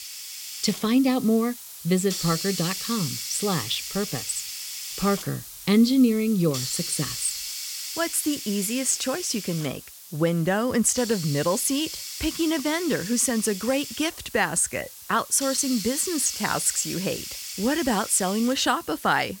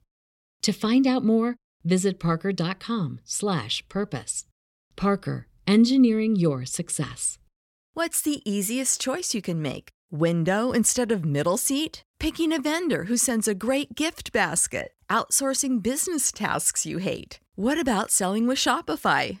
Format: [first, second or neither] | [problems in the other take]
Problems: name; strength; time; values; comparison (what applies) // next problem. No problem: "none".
second | hiss; loud; throughout; 8 dB below the speech